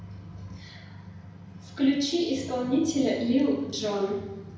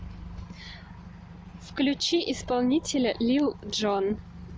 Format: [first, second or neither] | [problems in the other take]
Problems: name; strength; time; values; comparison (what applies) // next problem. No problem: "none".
second | room echo; dies away in 0.8 s